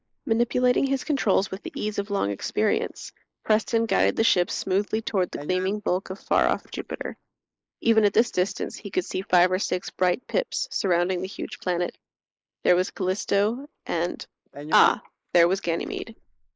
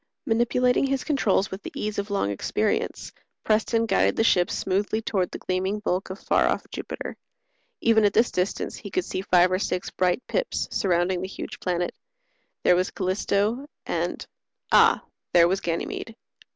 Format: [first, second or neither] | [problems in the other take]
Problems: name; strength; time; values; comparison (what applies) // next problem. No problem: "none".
second | noise reduction (neural mask model Resemble Enhance denoiser)